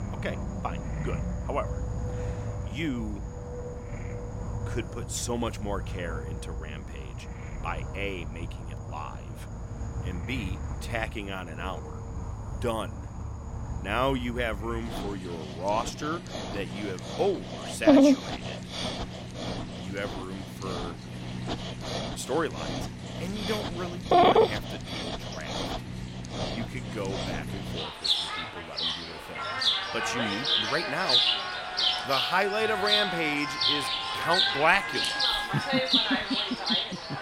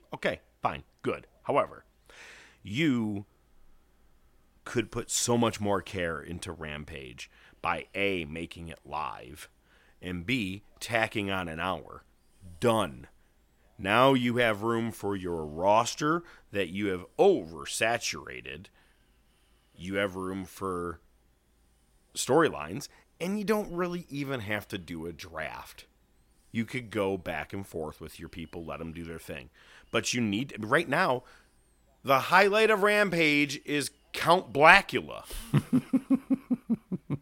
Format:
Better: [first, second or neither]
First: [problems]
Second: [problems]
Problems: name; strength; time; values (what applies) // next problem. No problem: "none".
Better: second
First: animal sounds; very loud; throughout; 3 dB above the speech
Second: none